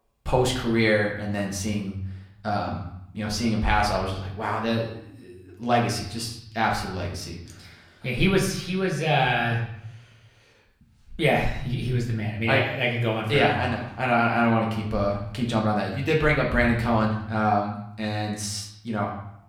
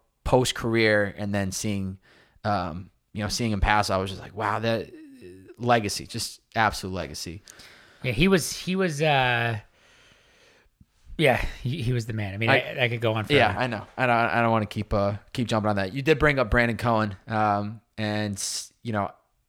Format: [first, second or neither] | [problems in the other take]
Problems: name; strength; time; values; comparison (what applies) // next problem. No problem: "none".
second | room echo; slight; dies away in 0.7 s // off-mic speech; somewhat distant